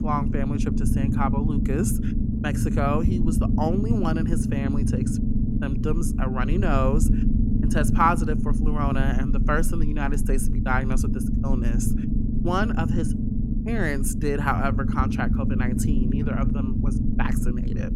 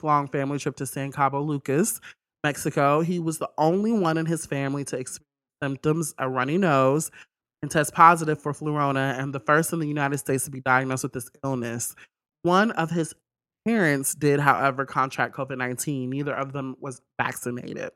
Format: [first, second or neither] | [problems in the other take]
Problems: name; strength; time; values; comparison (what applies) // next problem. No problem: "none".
second | low rumble; loud; throughout; 5 dB below the speech